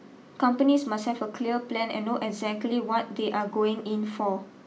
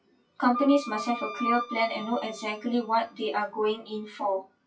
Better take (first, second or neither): first